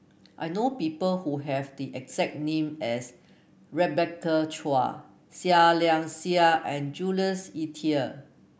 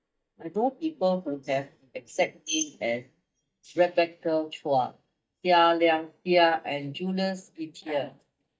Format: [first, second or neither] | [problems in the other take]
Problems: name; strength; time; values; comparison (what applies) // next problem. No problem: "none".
first | noise reduction (neural mask model DeepFilterNet 3)